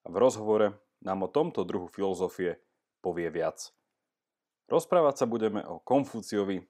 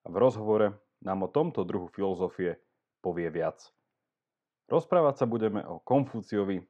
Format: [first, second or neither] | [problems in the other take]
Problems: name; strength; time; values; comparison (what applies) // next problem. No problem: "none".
first | muffled; slightly; fading above 3 kHz